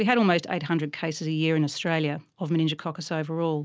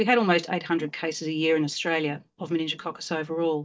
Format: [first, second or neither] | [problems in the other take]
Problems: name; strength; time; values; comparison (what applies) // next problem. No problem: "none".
first | noise reduction (neural mask model DeepFilterNet 3)